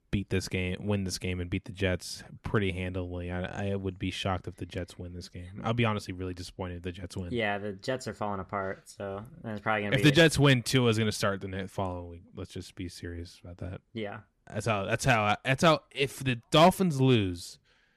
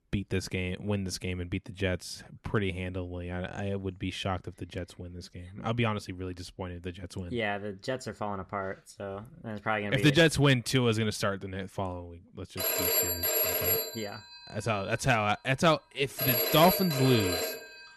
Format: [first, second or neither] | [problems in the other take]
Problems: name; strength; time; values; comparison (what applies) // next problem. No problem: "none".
first | phone ringing; loud; from 13 s on; peak 5 dB above the speech